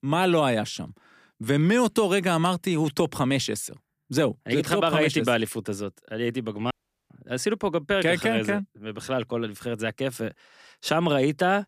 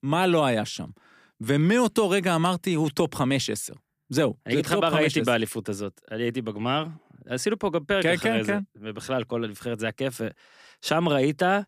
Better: second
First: audio cutting out; at 6.5 s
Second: none

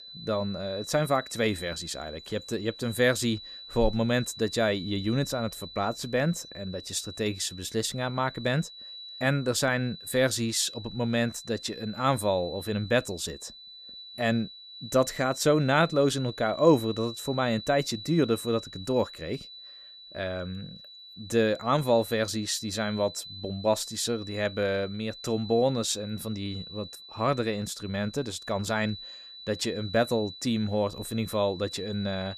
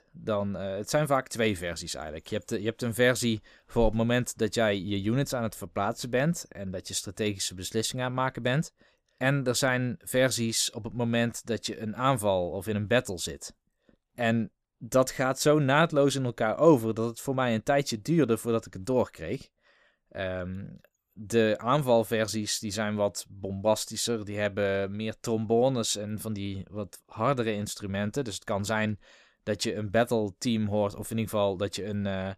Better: second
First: high-pitched whine; noticeable; throughout; 4 kHz, 15 dB below the speech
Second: none

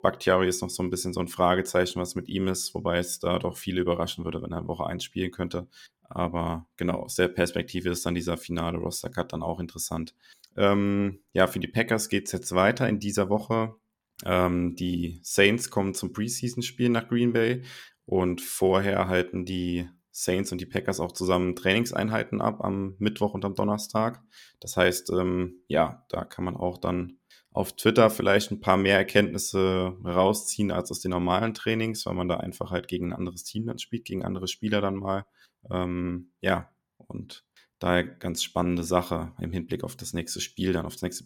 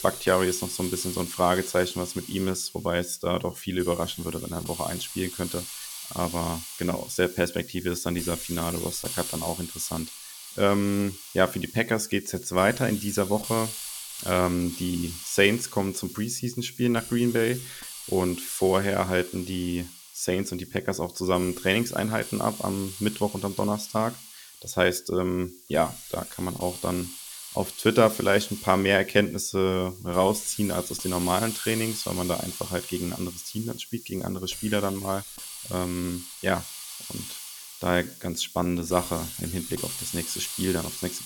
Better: first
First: none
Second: hiss; loud; throughout; 9 dB below the speech

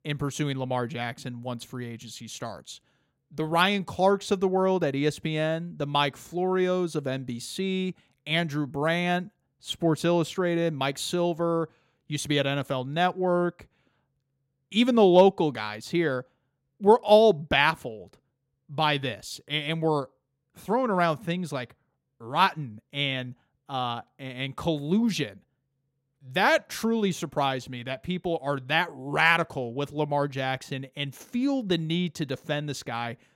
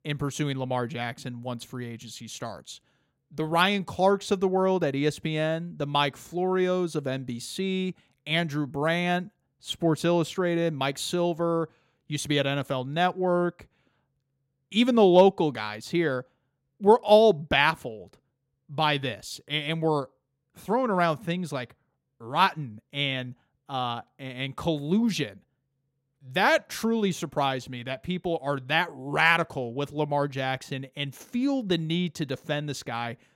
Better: neither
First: none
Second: none

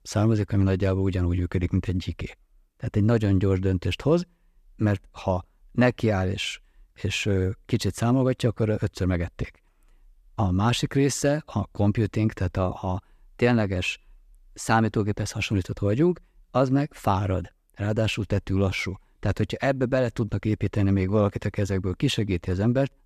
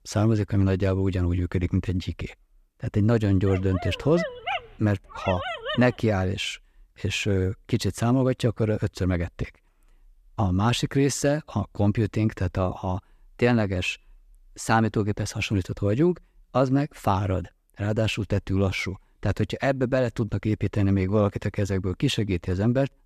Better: first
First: none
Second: dog barking; noticeable; from 3.5 to 6 s; peak 4 dB below the speech

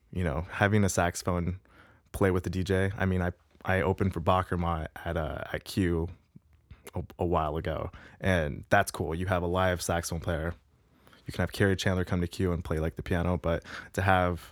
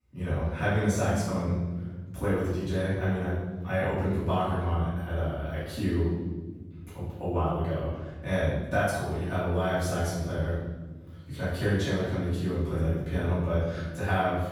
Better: first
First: none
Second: off-mic speech; far // room echo; strong; dies away in 1.5 s

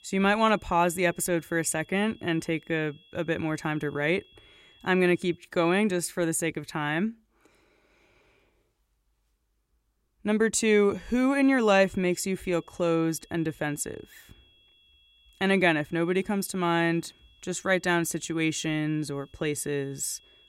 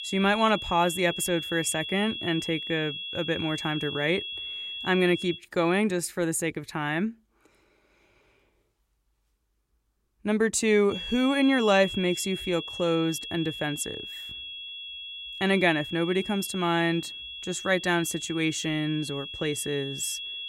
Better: first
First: high-pitched whine; faint; until 5.5 s and from 11 s on; 3.5 kHz, 30 dB below the speech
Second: high-pitched whine; loud; until 5.5 s and from 11 s on; 3.5 kHz, 8 dB below the speech

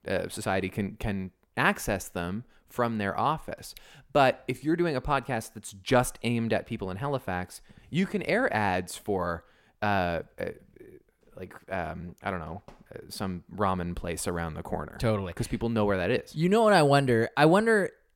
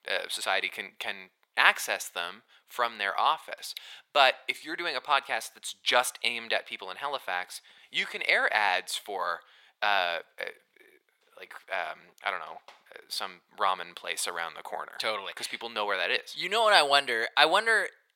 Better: first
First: none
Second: thin; very; fading below 900 Hz

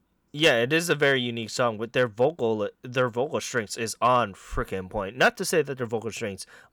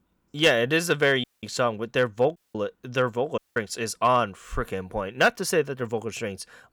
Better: first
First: none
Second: audio cutting out; at 1 s, at 2.5 s and at 3.5 s

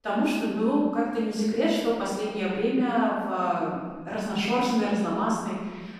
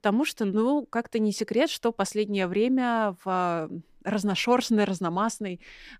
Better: second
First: off-mic speech; far // room echo; strong; dies away in 1.5 s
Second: none

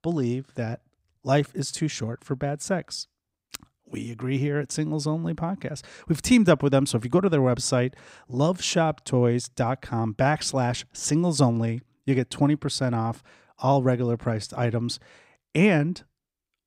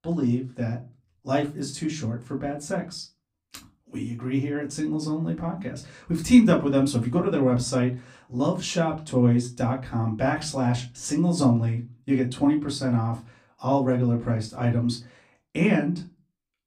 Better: first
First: none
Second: off-mic speech; far // room echo; very slight; dies away in 0.2 s

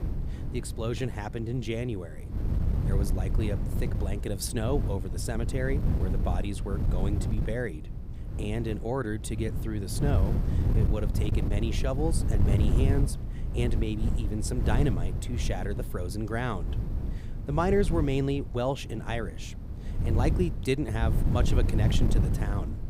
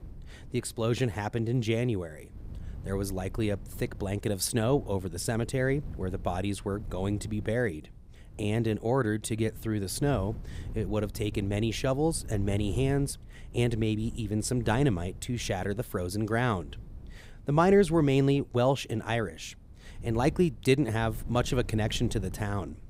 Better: second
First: wind noise on the microphone; heavy; 8 dB below the speech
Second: wind noise on the microphone; occasional gusts; 25 dB below the speech

